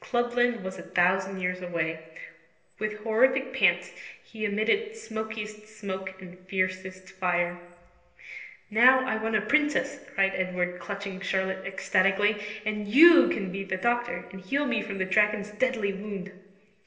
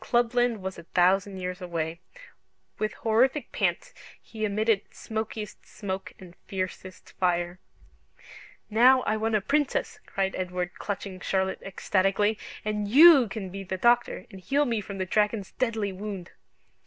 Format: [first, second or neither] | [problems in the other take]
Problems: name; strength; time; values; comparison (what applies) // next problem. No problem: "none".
second | room echo; dies away in 1.4 s